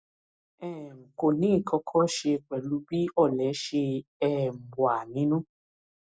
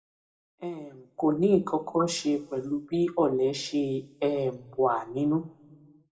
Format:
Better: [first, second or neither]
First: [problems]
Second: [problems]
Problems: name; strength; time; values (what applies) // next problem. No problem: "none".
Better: first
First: none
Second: room echo; dies away in 0.6 s